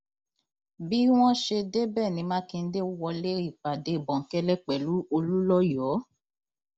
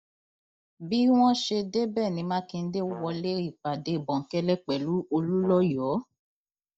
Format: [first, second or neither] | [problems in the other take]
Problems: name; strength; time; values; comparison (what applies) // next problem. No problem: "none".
first | noise reduction (neural mask model DeepFilterNet 3)